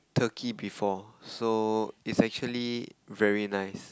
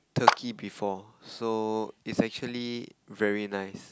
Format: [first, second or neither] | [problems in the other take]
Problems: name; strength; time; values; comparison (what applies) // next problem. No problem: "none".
first | background sound (Clapping); 2 dB above the speech